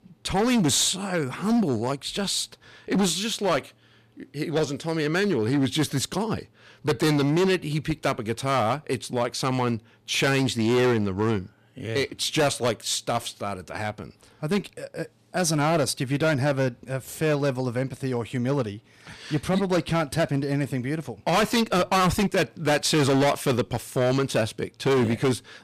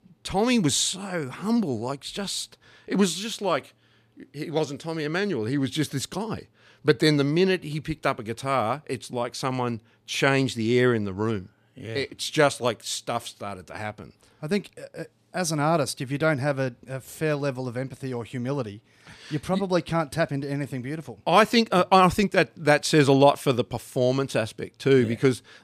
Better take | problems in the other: second | distortion; heavy; 10% of the sound clipped

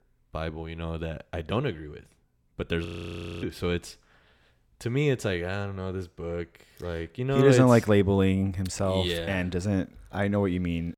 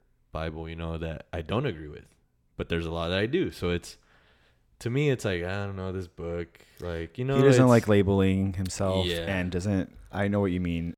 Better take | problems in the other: second | audio freezing; at 3 s for 0.5 s

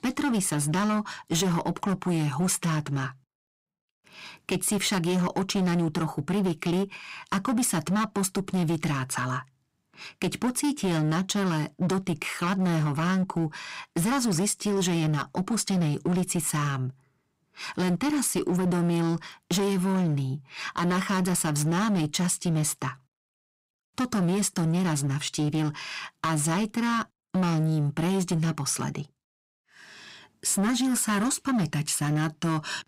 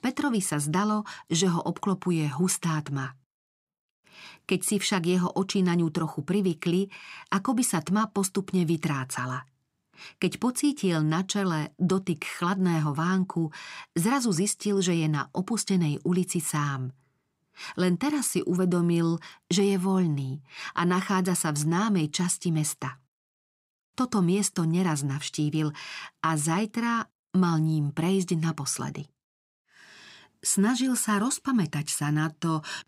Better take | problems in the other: second | distortion; slight; 17% of the sound clipped

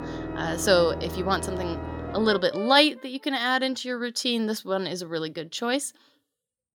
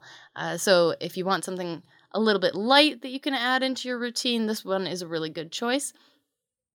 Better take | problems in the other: second | background music; loud; until 3 s; 9 dB below the speech

